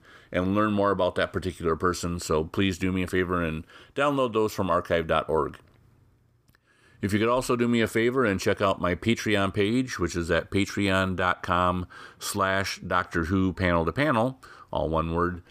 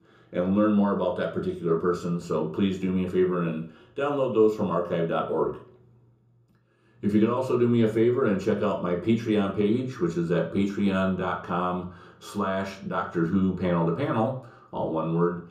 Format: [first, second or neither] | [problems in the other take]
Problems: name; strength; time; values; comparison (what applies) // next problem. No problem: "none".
first | room echo; slight; dies away in 0.5 s // off-mic speech; far